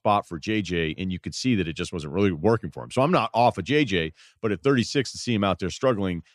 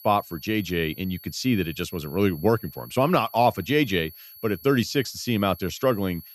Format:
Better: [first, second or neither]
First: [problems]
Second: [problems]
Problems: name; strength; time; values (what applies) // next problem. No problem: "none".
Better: first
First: none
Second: high-pitched whine; noticeable; throughout; 11.5 kHz, 20 dB below the speech